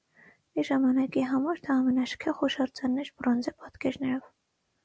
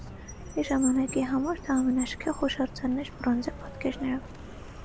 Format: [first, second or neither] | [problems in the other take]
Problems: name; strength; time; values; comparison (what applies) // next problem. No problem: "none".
first | background sound (Car); 11 dB below the speech